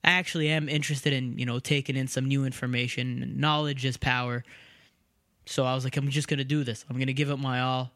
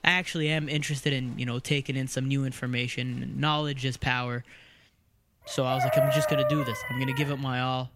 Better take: first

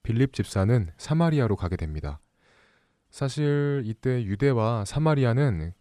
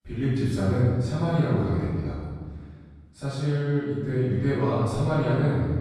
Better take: first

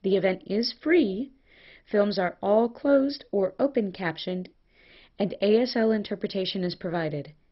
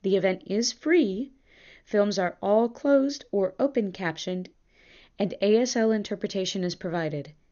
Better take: second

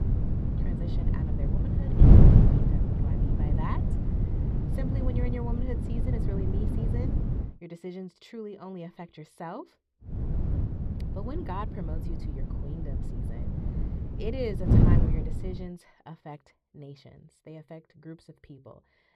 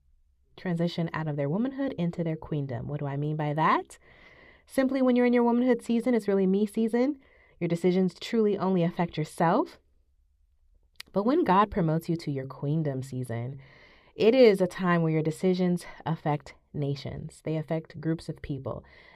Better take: second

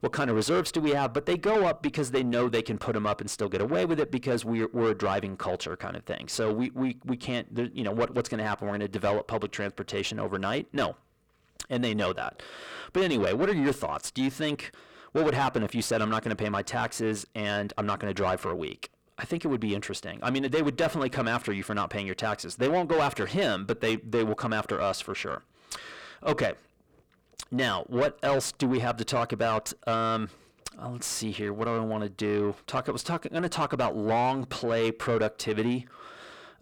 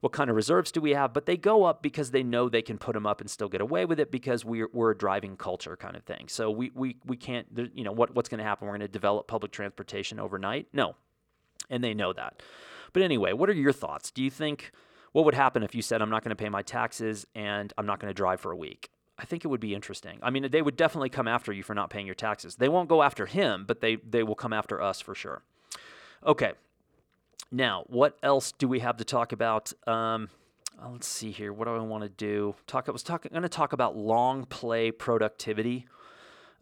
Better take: second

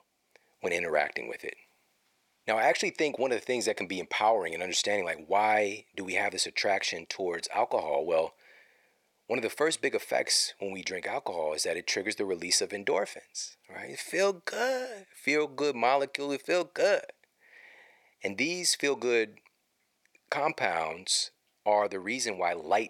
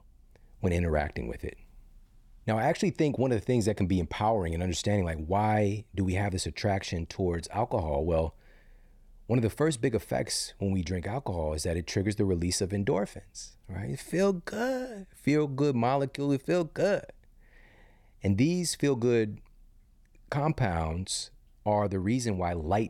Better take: second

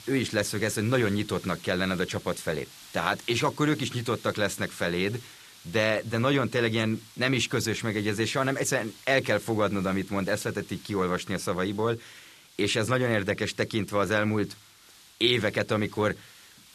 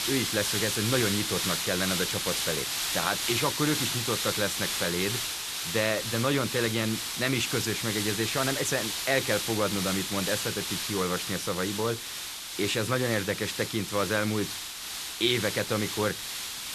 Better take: first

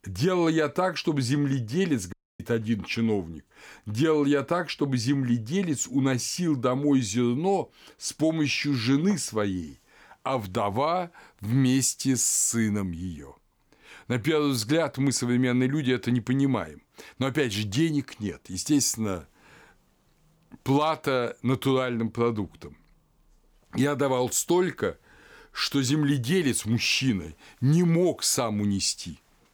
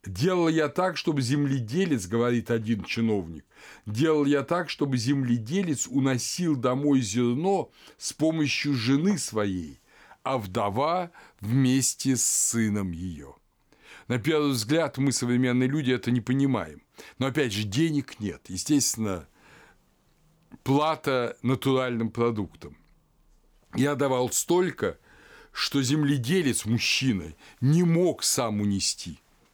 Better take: second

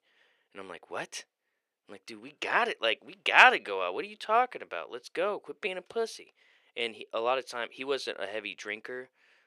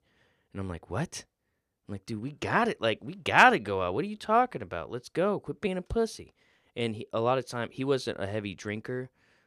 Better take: second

